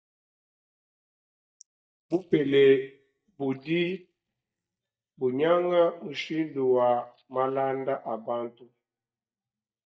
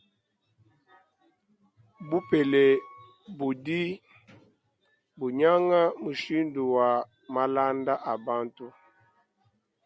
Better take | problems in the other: second | noise reduction (neural mask model DeepFilterNet 3)

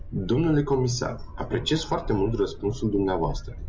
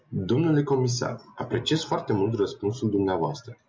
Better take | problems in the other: second | background sound (Train); 10 dB below the speech

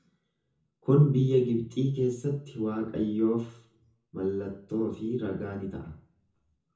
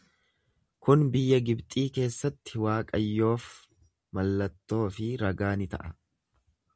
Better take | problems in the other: second | room echo; dies away in 0.6 s

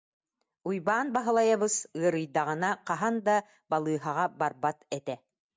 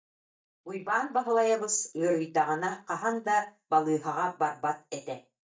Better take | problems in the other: first | noise reduction (neural mask model DeepFilterNet 3)

